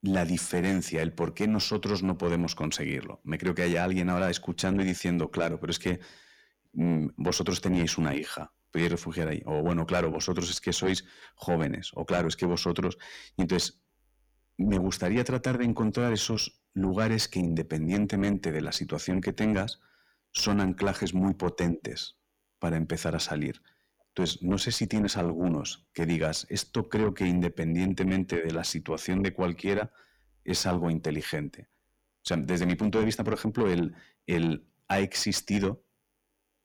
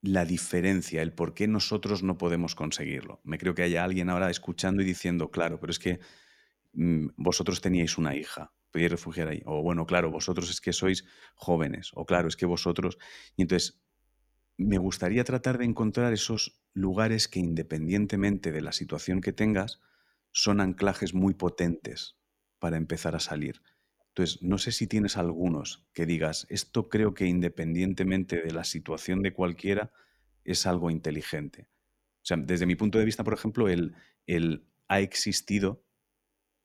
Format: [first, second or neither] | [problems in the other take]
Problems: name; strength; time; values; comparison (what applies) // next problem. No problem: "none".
second | distortion; slight; 10 dB below the speech